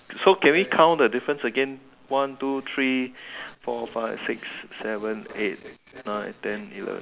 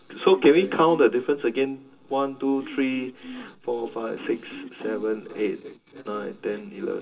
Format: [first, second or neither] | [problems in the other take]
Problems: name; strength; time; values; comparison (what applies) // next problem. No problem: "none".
first | background sound (Cough); 17 dB below the speech // room echo; dies away in 0.2 s